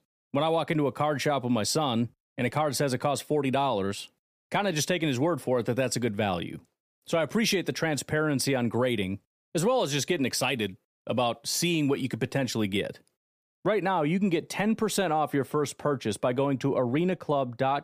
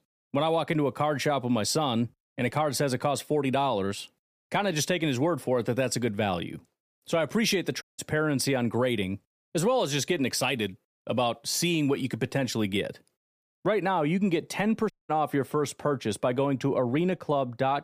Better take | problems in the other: first | audio cutting out; at 8 s and at 15 s

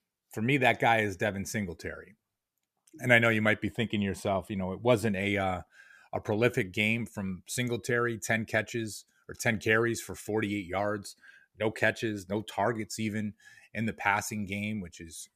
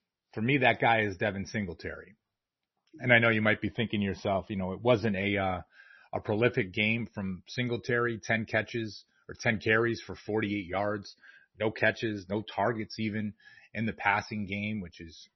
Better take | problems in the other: first | garbled, watery; slightly; nothing above 6 kHz

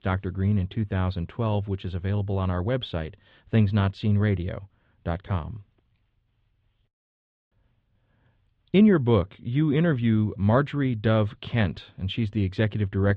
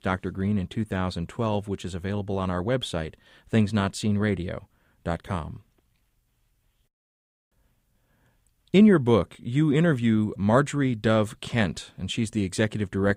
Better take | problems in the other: second | muffled; slightly; fading above 3.5 kHz

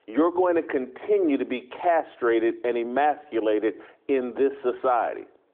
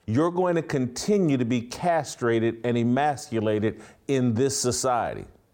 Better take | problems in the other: second | phone-call audio; nothing above 3.5 kHz

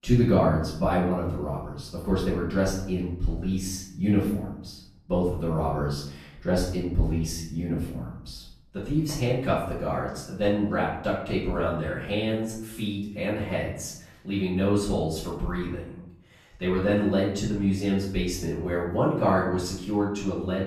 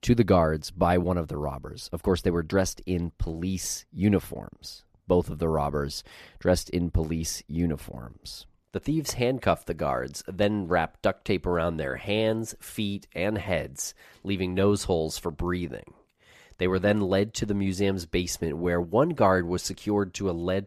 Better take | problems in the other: second | off-mic speech; far // room echo; noticeable; dies away in 0.7 s

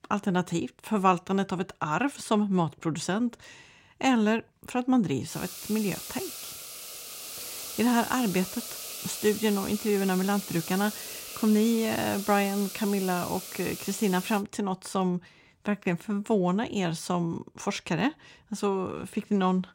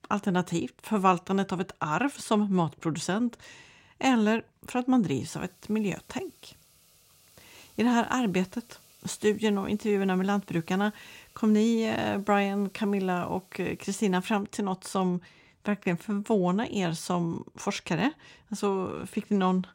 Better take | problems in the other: second | hiss; loud; from 5.5 to 14 s; 9 dB below the speech; faint in the second

